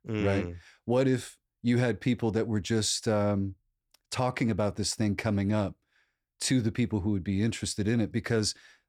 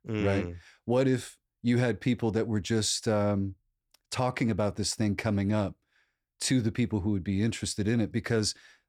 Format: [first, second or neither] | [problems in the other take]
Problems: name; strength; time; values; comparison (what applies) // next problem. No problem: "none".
neither | none